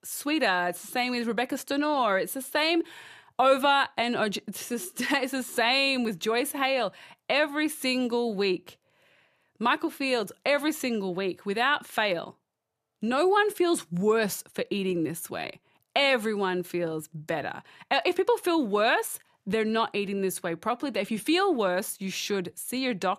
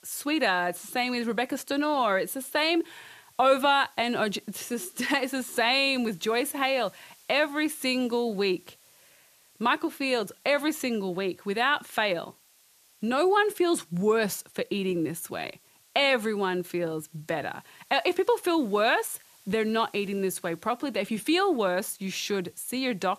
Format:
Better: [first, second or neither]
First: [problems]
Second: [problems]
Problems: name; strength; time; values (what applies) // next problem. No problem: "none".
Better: first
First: none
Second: hiss; faint; throughout; 30 dB below the speech